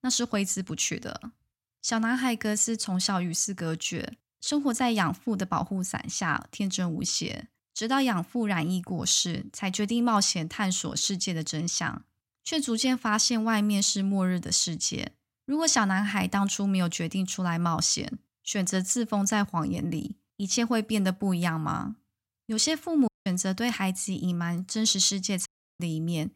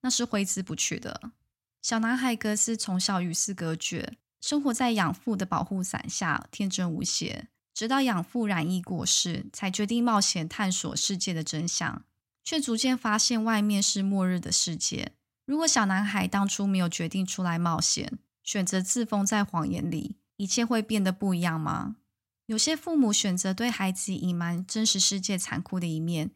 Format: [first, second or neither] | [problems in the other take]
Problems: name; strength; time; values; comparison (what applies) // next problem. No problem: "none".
second | audio cutting out; at 23 s and at 25 s